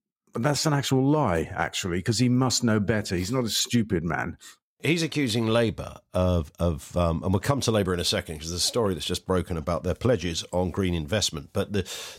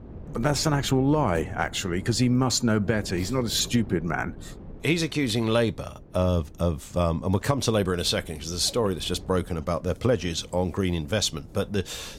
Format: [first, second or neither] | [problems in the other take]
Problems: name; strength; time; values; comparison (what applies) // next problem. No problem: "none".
first | wind noise on the microphone; occasional gusts; 25 dB below the speech